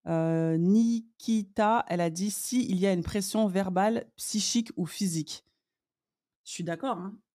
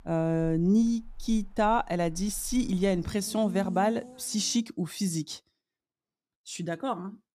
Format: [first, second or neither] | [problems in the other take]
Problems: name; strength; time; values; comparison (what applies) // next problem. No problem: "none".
first | traffic noise; noticeable; until 4 s; 15 dB below the speech